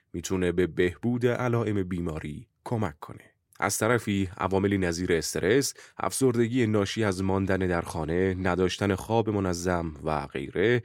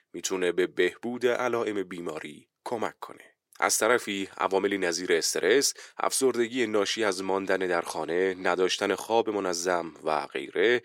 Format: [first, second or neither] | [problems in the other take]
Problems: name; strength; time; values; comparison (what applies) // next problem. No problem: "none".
first | thin; somewhat; fading below 450 Hz